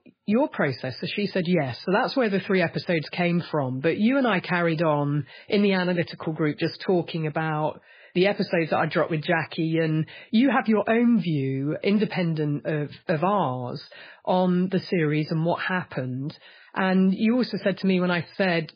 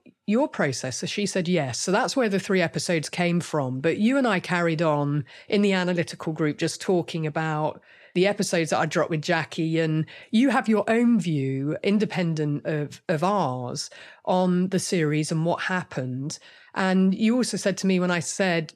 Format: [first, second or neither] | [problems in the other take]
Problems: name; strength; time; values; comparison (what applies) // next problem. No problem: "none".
second | garbled, watery; badly; nothing above 5 kHz